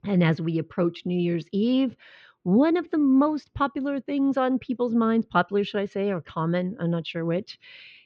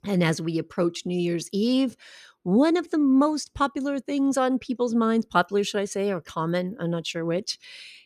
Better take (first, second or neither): second